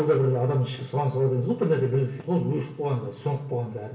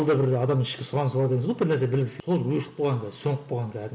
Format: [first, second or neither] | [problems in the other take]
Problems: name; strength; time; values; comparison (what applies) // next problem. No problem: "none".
second | room echo; dies away in 0.6 s